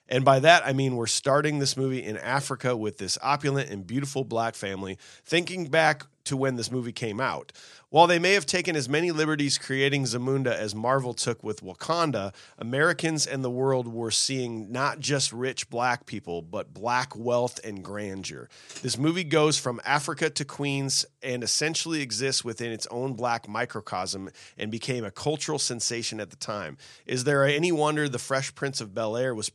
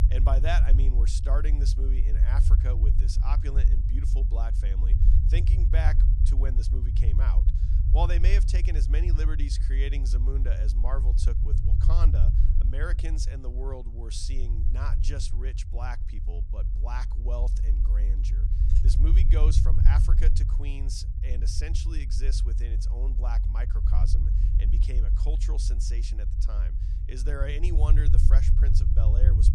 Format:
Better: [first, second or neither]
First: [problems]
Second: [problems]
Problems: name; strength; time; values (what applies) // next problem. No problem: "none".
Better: first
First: none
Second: low rumble; loud; throughout; 5 dB below the speech